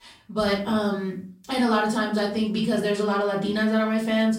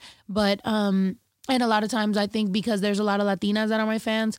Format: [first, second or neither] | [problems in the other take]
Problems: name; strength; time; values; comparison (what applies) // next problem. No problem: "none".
second | off-mic speech; far // room echo; slight; dies away in 0.4 s